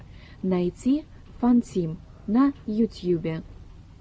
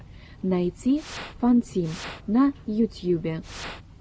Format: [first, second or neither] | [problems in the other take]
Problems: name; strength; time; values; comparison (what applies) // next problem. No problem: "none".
first | background sound (Fire); 13 dB below the speech